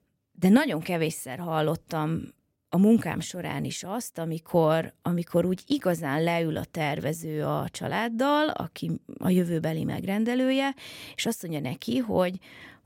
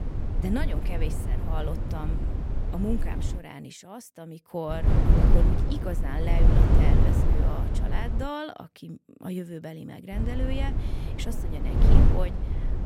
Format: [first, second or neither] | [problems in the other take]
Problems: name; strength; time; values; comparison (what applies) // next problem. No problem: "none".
first | wind noise on the microphone; heavy; until 3.5 s, from 4.5 to 8.5 s and from 10 s on; as loud as the speech